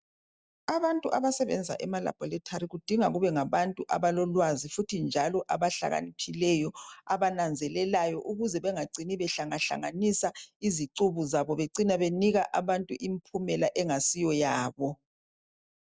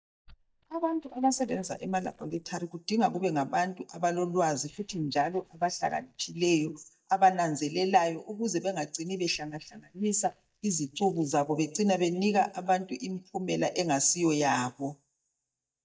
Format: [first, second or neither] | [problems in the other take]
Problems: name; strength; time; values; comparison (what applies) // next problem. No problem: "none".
first | noise reduction (neural mask model DeepFilterNet 3)